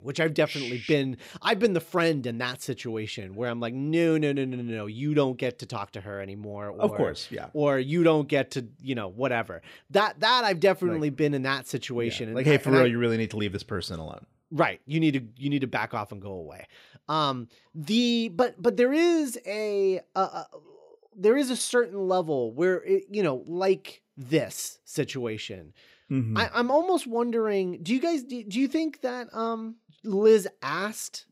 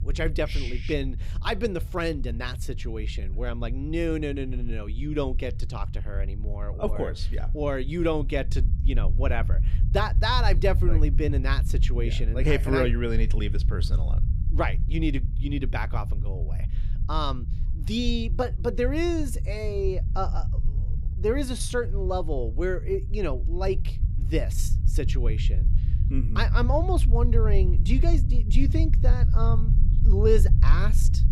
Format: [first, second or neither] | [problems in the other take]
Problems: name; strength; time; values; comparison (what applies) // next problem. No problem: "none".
first | low rumble; noticeable; throughout; 15 dB below the speech